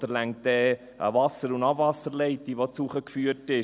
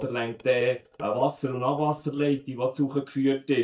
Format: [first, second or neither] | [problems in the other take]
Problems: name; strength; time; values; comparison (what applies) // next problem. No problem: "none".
first | noise reduction (neural mask model DeepFilterNet 3)